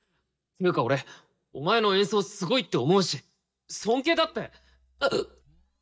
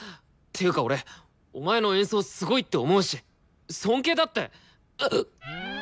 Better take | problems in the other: second | noise reduction (neural mask model DeepFilterNet 3)

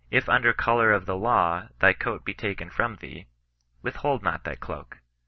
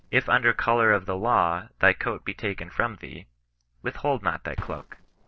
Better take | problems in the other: first | noise reduction (neural separator model SepFormer DNS4)

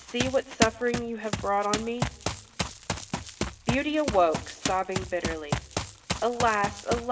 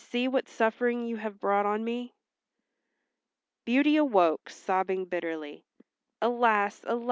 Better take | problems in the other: second | background sound (Run); 4 dB below the speech // room echo; dies away in 0.8 s

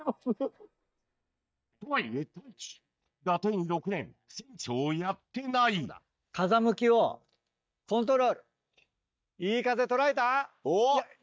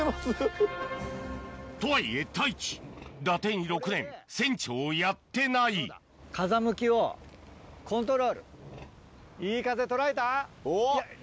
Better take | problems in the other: second | noise reduction (neural mask model DeepFilterNet 3)

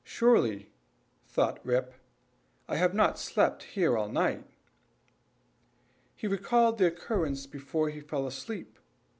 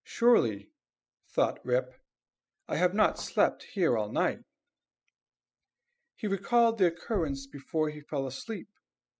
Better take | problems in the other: first | noise reduction (classical method spectral subtraction)

